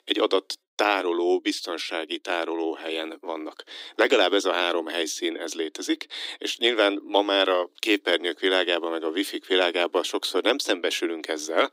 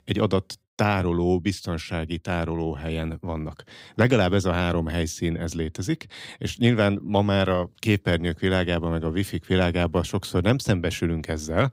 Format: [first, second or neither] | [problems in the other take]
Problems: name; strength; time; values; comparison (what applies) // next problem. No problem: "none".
second | thin; very; fading below 300 Hz